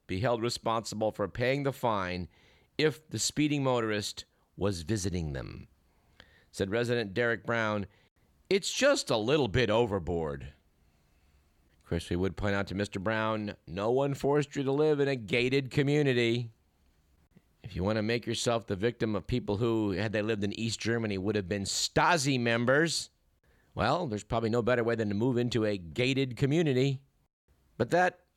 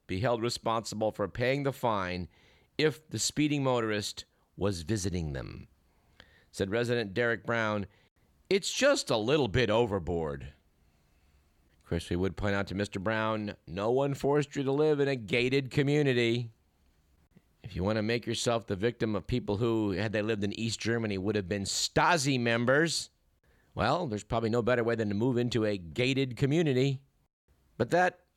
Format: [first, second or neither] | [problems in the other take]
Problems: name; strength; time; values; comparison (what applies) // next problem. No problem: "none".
neither | none